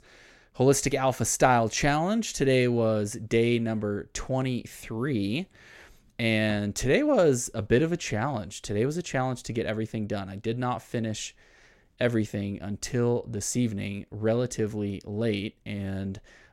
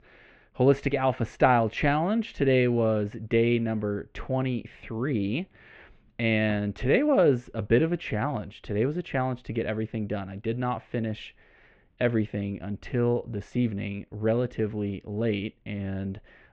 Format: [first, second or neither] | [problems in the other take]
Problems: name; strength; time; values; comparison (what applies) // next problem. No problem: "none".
first | muffled; very; fading above 3 kHz